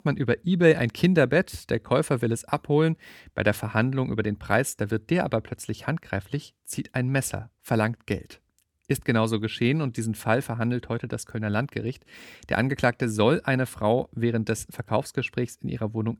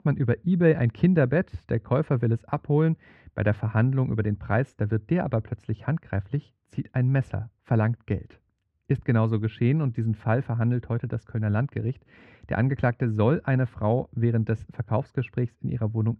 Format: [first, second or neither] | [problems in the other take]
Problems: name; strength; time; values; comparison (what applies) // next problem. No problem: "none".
first | muffled; very; fading above 2 kHz